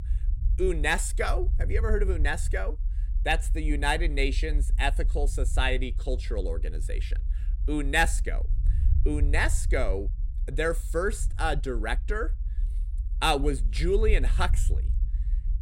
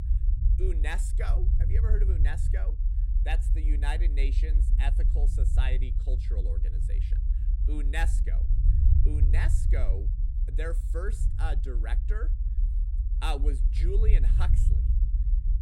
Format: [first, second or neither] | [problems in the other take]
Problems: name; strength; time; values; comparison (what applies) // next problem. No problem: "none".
first | low rumble; loud; throughout; 8 dB below the speech; faint in the first